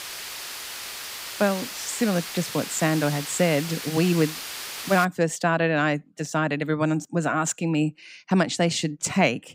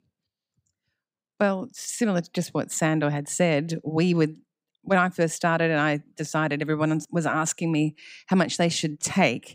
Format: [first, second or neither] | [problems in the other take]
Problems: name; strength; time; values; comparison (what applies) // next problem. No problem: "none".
second | hiss; loud; until 5 s; 8 dB below the speech